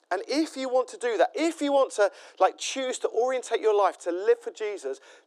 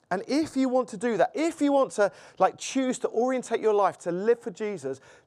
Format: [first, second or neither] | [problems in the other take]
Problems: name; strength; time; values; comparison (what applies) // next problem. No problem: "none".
second | thin; somewhat; fading below 300 Hz